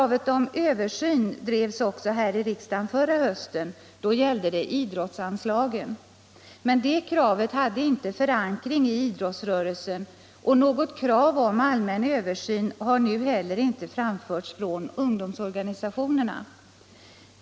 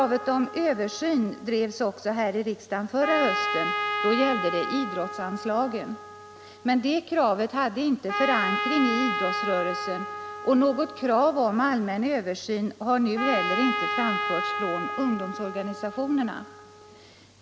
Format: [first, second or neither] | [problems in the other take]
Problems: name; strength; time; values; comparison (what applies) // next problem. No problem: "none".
first | background sound (Trumpet); 5 dB below the speech